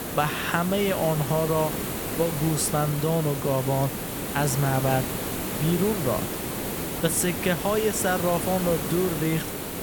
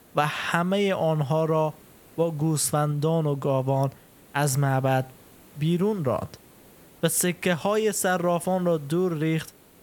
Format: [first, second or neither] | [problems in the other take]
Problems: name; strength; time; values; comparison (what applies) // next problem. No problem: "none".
second | hiss; loud; throughout; 4 dB below the speech; faint in the second